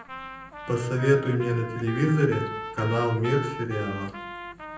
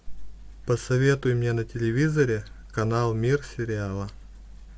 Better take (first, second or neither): second